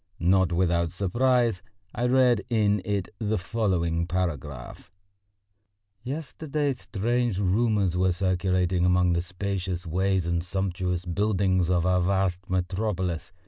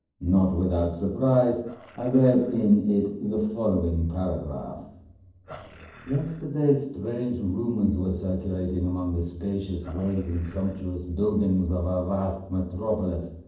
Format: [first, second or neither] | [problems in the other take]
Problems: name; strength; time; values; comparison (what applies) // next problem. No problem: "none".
first | noise reduction (neural separator model SepFormer DNS4)